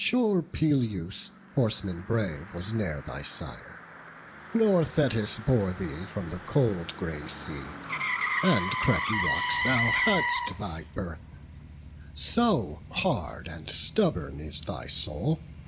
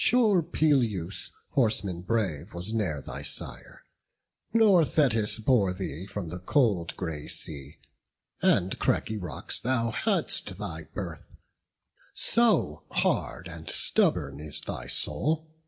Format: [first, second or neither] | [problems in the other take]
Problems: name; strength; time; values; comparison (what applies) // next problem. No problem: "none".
second | background sound (Motor vehicle (road)); 6 dB below the speech